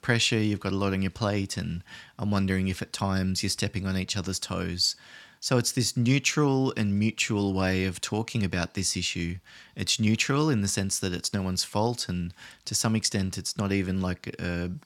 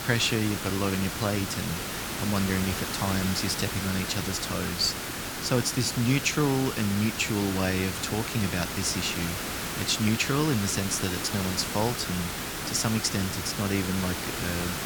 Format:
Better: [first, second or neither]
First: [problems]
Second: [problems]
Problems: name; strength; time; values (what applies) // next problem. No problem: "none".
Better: first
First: none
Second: hiss; loud; throughout; 3 dB below the speech